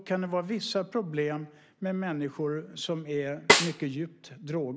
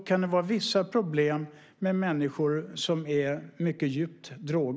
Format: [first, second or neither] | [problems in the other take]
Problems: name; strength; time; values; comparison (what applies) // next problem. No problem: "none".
second | background sound (Snare drum); 5 dB above the speech